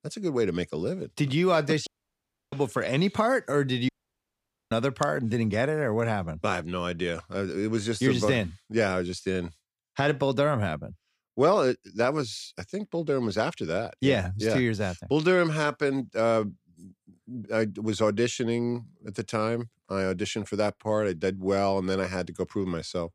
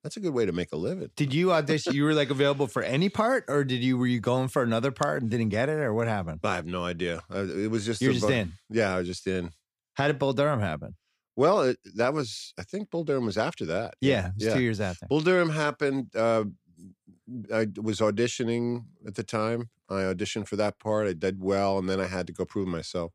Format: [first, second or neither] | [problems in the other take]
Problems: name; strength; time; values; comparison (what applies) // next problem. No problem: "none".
second | audio cutting out; at 2 s for 0.5 s and at 4 s for 1 s